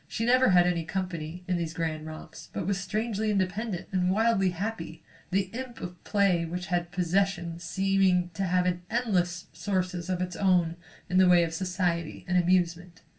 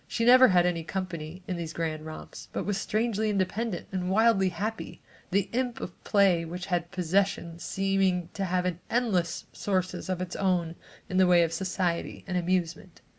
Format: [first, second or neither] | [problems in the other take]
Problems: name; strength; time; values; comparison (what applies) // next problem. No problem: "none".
second | room echo; dies away in 0.2 s